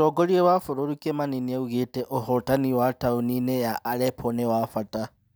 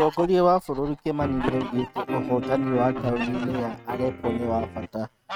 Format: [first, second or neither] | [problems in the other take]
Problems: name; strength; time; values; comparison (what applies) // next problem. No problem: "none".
first | noise reduction (neural mask model RNNoise)